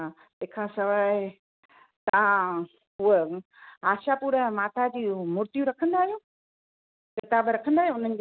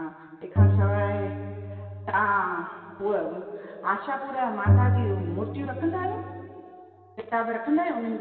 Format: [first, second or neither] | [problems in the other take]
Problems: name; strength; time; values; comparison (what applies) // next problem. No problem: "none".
first | background sound (Bowed string instrument); 2 dB above the speech // room echo; dies away in 2.6 s